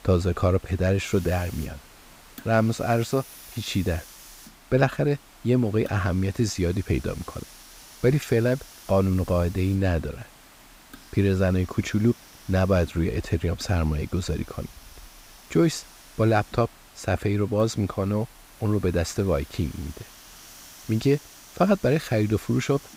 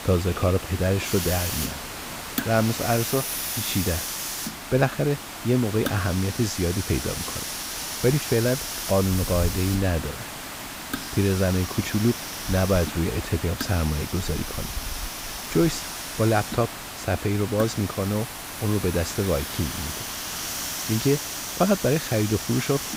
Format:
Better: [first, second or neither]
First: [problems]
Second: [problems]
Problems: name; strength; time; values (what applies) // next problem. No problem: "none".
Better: first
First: hiss; faint; throughout; 20 dB below the speech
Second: hiss; loud; throughout; 5 dB below the speech